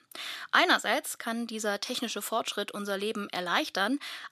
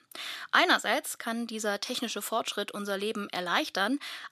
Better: neither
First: thin; very slightly; fading below 300 Hz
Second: thin; very slightly; fading below 300 Hz

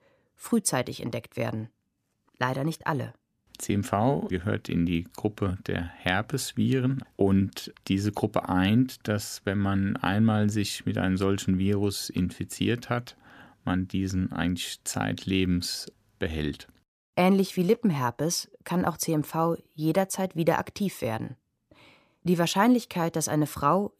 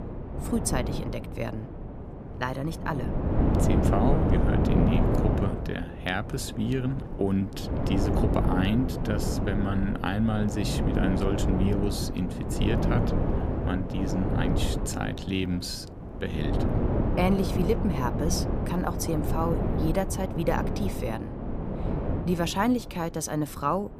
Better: first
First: none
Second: wind noise on the microphone; heavy; 2 dB below the speech

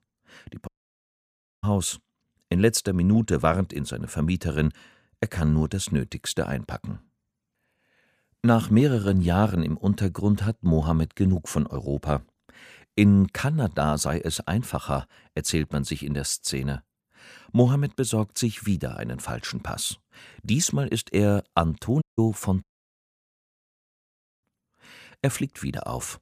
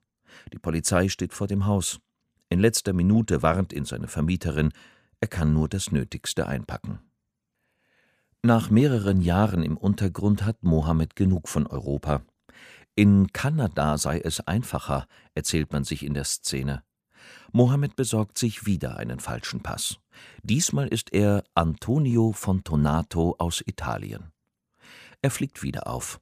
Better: second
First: audio cutting out; at 0.5 s for 1 s, at 22 s and at 23 s for 2 s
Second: none

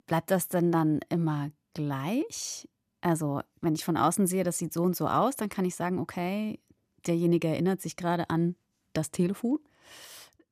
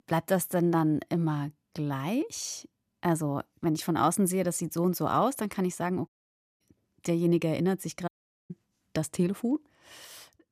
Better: first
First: none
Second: audio cutting out; at 6 s for 0.5 s and at 8 s

